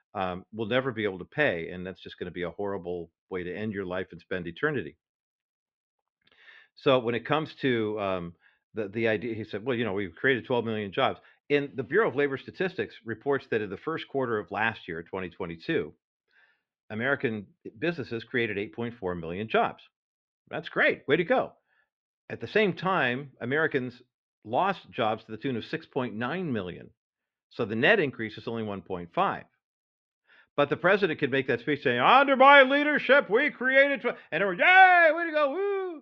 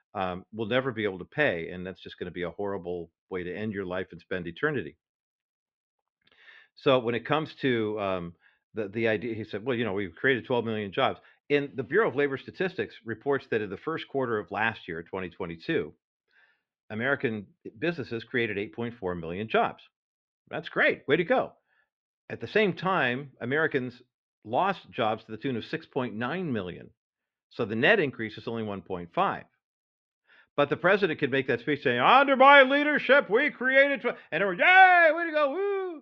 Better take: neither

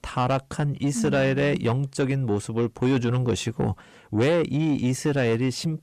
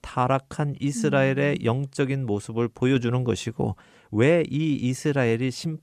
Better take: second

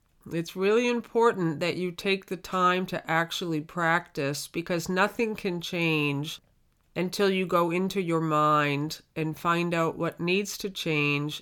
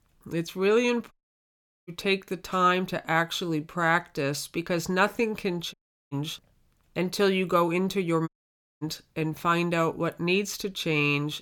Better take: first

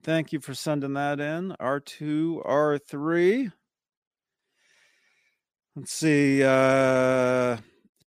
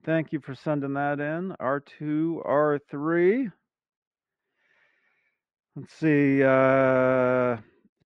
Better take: first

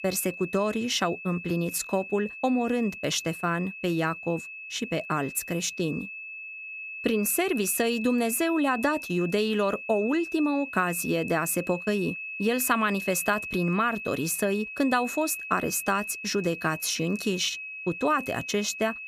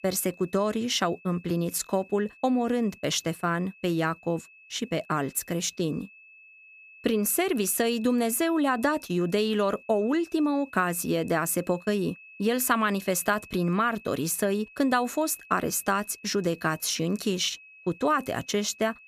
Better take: second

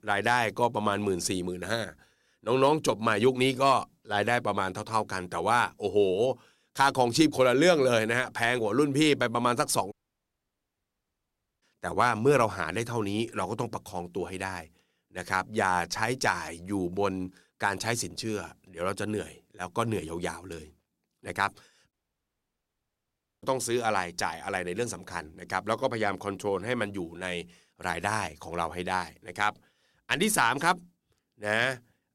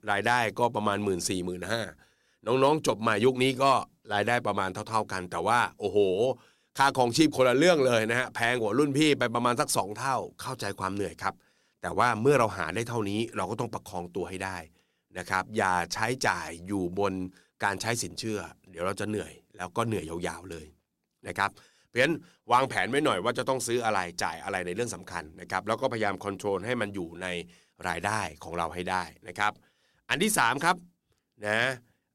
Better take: second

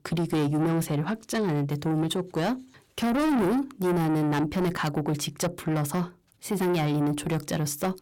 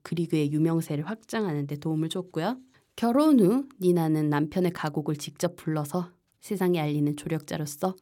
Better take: second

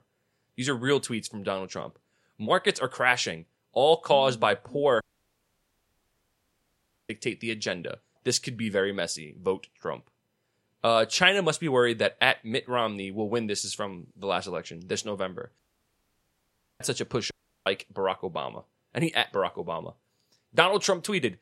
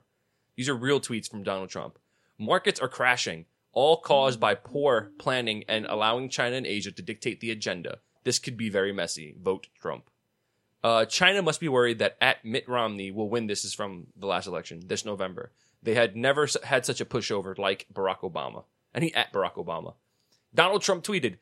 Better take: second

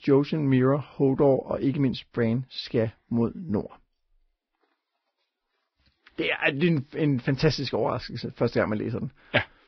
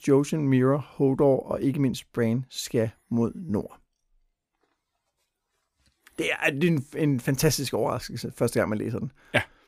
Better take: second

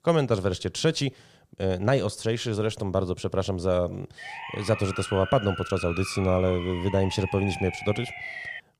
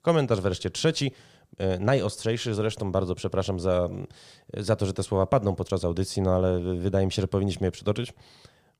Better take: second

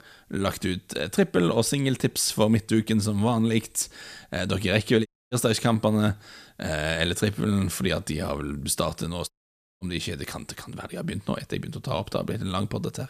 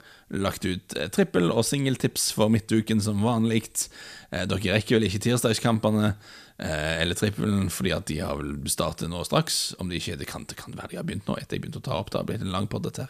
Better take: second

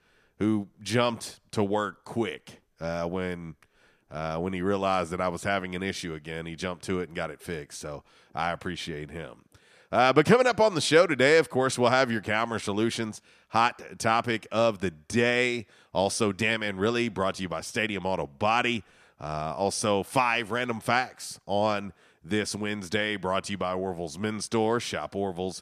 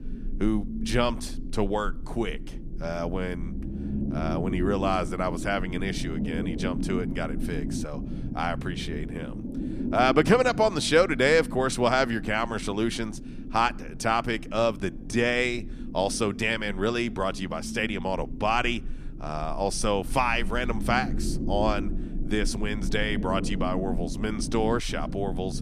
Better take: first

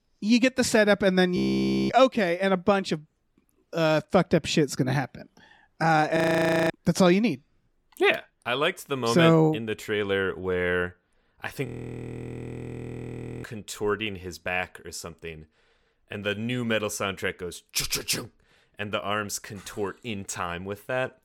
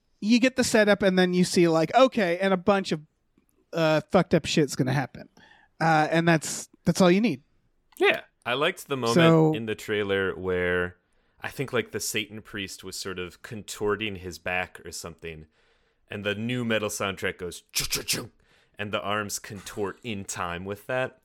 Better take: second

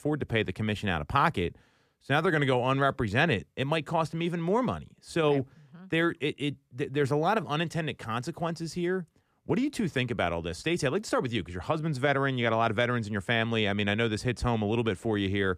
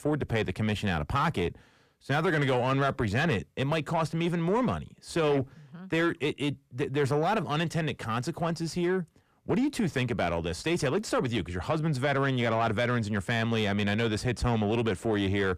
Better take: first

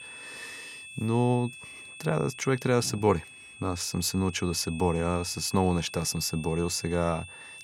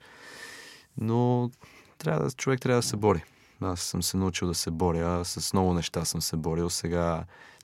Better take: second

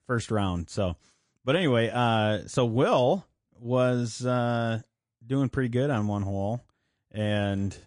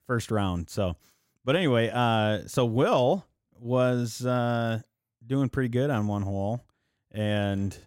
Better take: second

